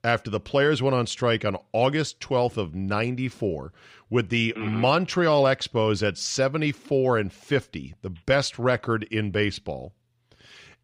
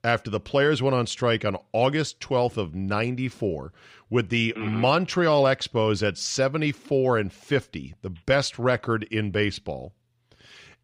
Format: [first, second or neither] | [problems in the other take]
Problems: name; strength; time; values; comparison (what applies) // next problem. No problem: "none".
neither | none